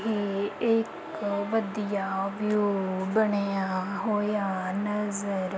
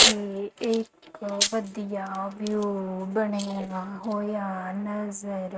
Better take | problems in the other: first | noise reduction (neural mask model RNNoise)

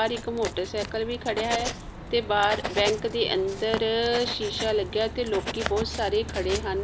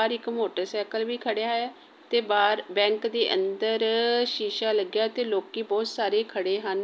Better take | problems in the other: second | background sound (Writing); 8 dB below the speech

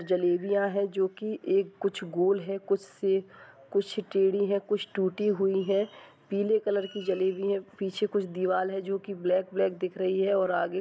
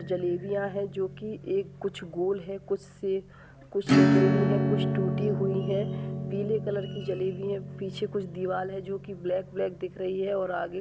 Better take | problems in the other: first | background sound (Acoustic guitar / Strum); 1 dB above the speech

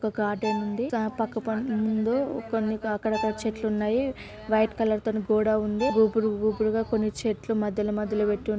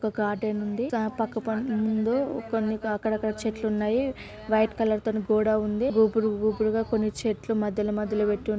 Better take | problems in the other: second | background sound (Bowed string instrument); 13 dB below the speech

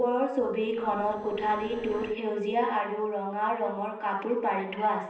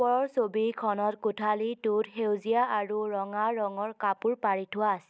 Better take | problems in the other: second | noise reduction (neural separator model SepFormer DNS4)

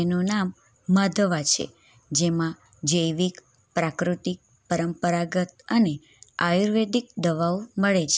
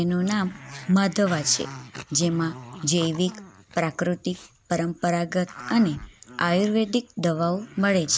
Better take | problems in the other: first | background sound (Growling); 18 dB below the speech

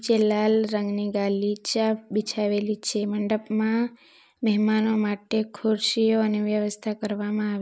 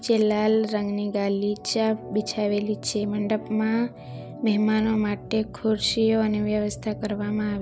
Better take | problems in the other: first | background sound (Organ); 15 dB below the speech

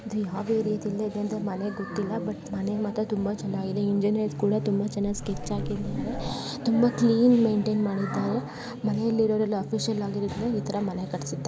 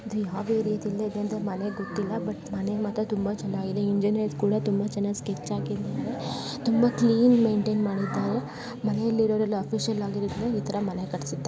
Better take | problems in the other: second | background sound (Water / Splash, splatter); 10 dB below the speech

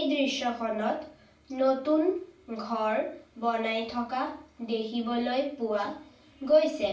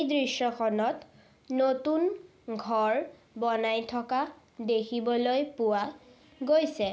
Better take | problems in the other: second | room echo; dies away in 0.3 s

